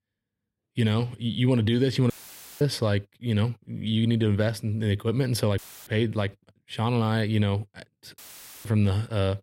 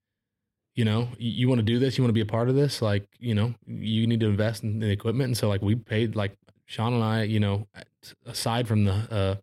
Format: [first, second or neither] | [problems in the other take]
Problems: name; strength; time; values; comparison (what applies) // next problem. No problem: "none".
second | audio cutting out; filled with static; at 2 s for 0.5 s, at 5.5 s and at 8 s